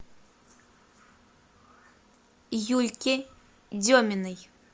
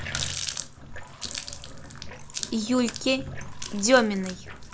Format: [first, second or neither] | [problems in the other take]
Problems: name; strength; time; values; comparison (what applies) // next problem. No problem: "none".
first | background sound (Water tap, faucet); 7 dB below the speech